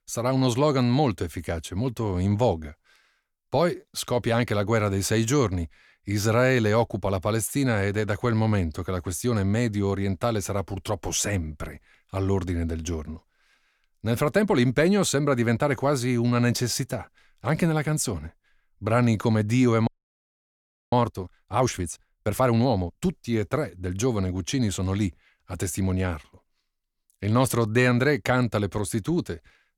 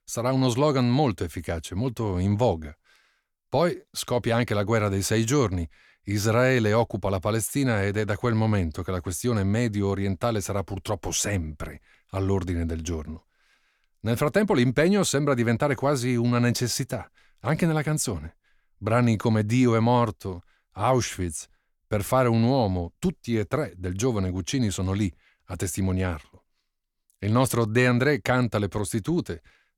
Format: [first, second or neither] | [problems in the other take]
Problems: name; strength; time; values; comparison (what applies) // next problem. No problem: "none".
second | audio freezing; at 20 s for 1 s